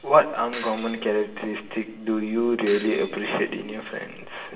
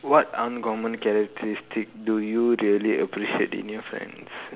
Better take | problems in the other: second | background sound (Shatter); 18 dB below the speech // room echo; dies away in 0.8 s

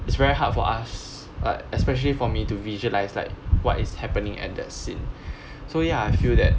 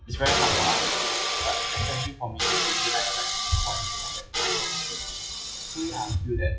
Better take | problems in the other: first | noise reduction (classical method WPE with log-MMSE)

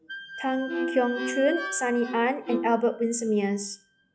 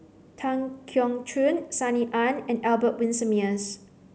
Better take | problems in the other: second | noise reduction (classical method log-MMSE)

